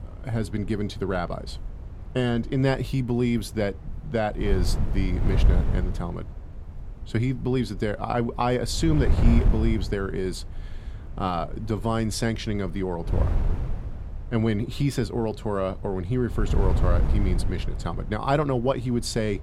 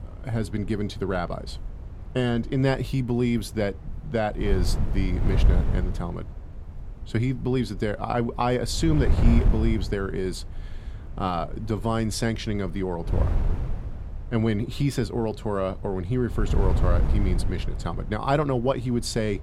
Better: neither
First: wind noise on the microphone; occasional gusts; 15 dB below the speech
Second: wind noise on the microphone; occasional gusts; 15 dB below the speech

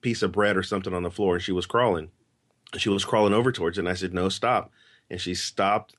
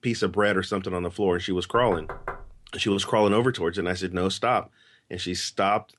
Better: first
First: none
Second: door banging; faint; at 1.5 s; peak 10 dB below the speech

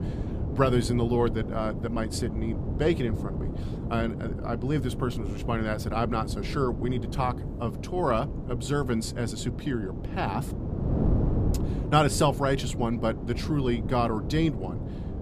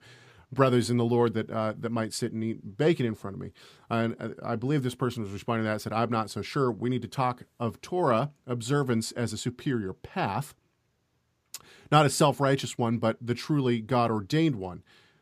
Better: second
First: wind noise on the microphone; occasional gusts; 10 dB below the speech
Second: none

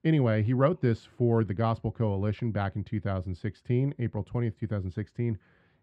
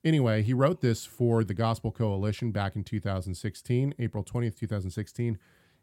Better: second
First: muffled; slightly; fading above 2.5 kHz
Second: none

